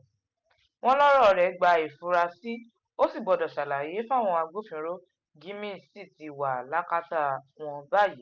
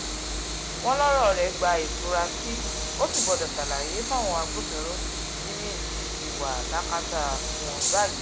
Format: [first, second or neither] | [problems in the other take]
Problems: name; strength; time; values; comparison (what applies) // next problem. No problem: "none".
first | background sound (Train); 1 dB below the speech